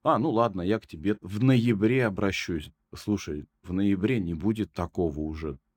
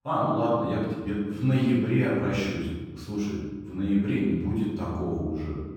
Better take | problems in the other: first | off-mic speech; far // room echo; strong; dies away in 1.4 s

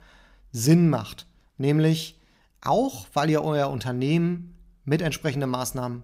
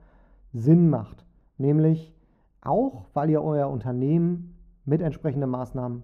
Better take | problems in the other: first | muffled; very; fading above 2 kHz

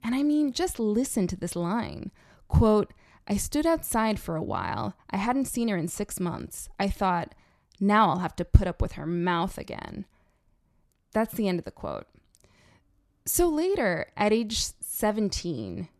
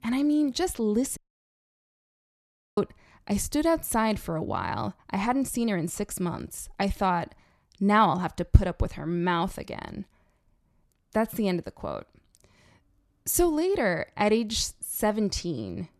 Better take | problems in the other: first | audio cutting out; at 1 s for 1.5 s

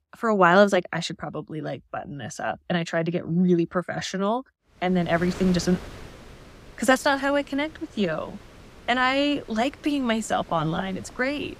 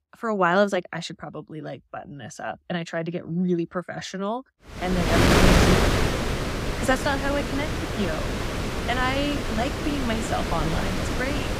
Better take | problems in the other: first | wind noise on the microphone; heavy; from 5 s on; 2 dB above the speech; occasional gusts in the first

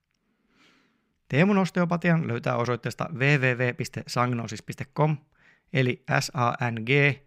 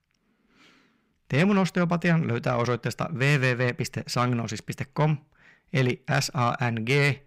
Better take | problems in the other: first | distortion; slight; 10 dB below the speech

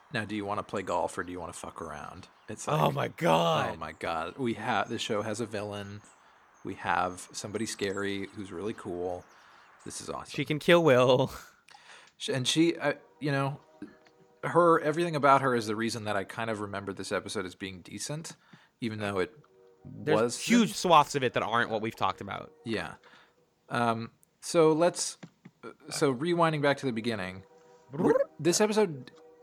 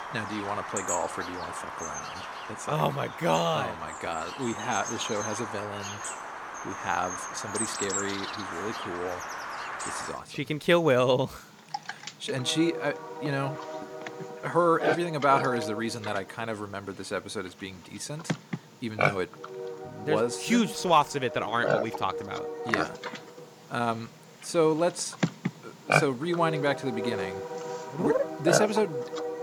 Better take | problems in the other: first | animal sounds; loud; throughout; 5 dB below the speech; faint in the first

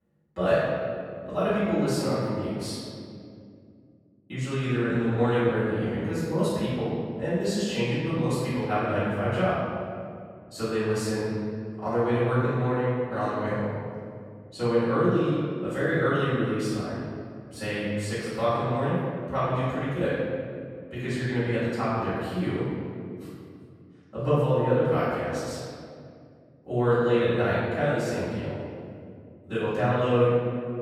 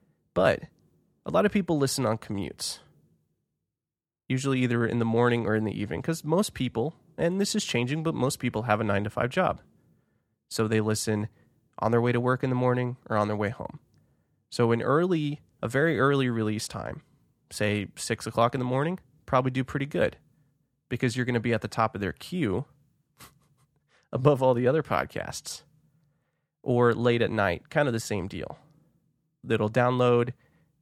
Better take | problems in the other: second | off-mic speech; far // room echo; strong; dies away in 2.2 s

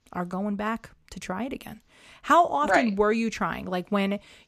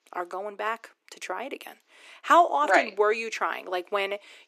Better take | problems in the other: first | thin; very; fading below 350 Hz

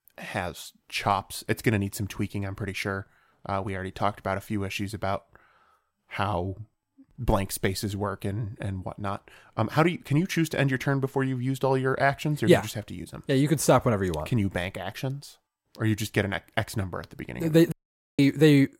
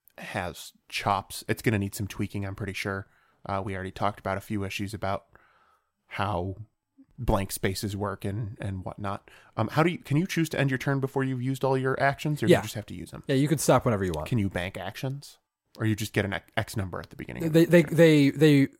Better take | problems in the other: second | audio cutting out; at 18 s

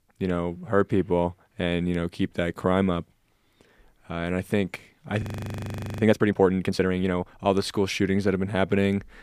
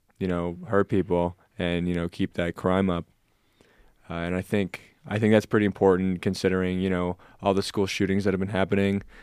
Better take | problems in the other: second | audio freezing; at 5 s for 1 s

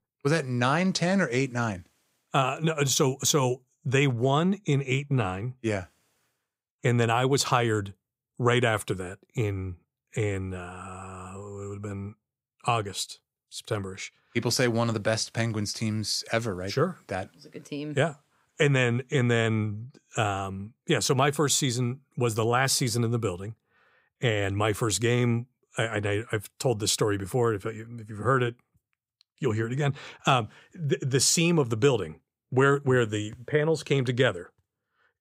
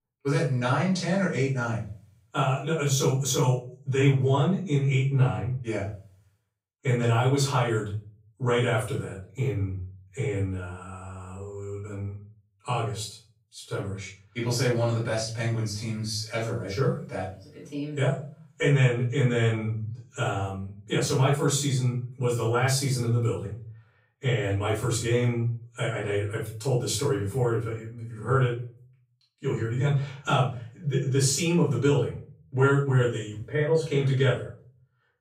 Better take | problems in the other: first | off-mic speech; far // room echo; noticeable; dies away in 0.4 s

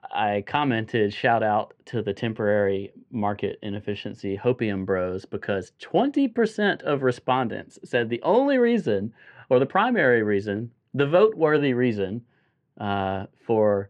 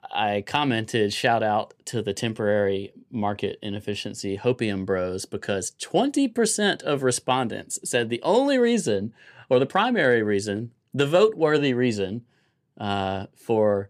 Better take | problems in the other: second | muffled; very; fading above 2 kHz

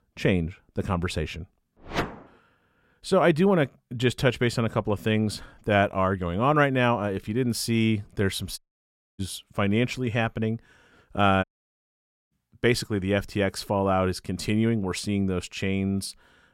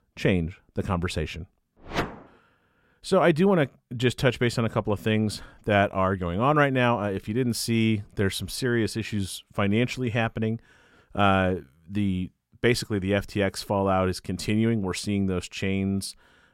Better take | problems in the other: second | audio cutting out; at 8.5 s for 0.5 s and at 11 s for 1 s

